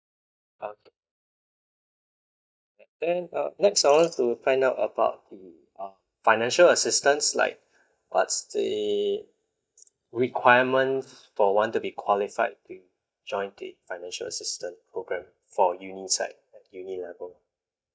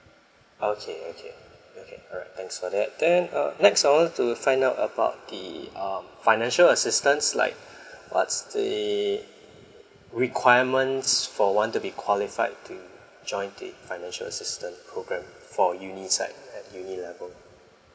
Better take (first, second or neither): second